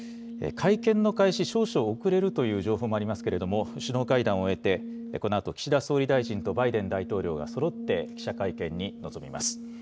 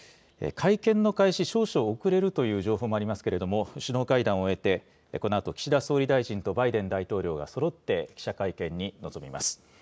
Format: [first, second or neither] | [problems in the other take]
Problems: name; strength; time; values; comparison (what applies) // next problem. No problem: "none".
second | background sound (Brass instrument); 12 dB below the speech